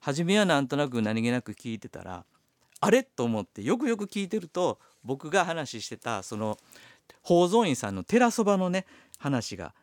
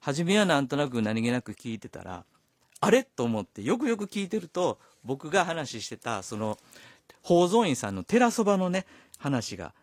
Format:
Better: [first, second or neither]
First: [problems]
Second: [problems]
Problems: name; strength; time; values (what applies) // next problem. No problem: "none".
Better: first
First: none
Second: garbled, watery; slightly; nothing above 15 kHz